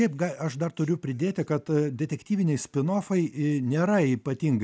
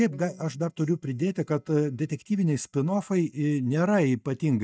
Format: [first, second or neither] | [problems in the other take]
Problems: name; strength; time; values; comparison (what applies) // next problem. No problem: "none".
first | noise reduction (neural mask model DeepFilterNet 3)